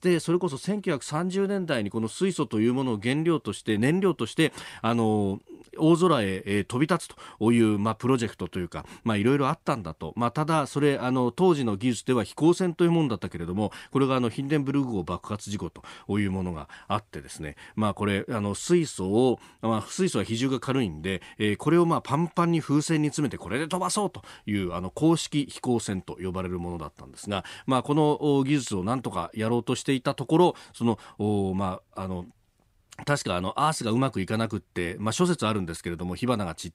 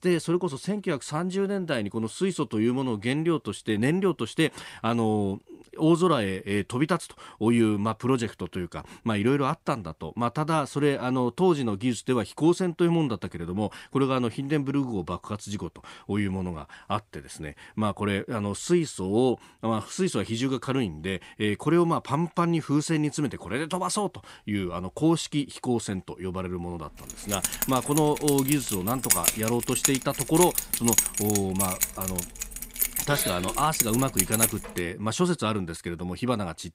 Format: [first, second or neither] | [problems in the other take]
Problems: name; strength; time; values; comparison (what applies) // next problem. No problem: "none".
first | jangling keys; loud; from 27 to 35 s; peak 5 dB above the speech